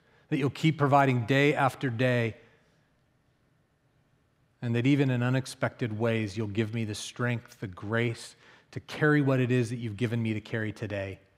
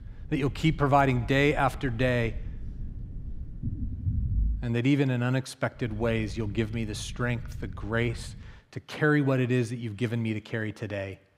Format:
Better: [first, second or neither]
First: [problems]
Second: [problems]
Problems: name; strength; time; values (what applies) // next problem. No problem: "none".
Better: first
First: none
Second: low rumble; faint; until 4.5 s and from 6 to 8.5 s; 25 dB below the speech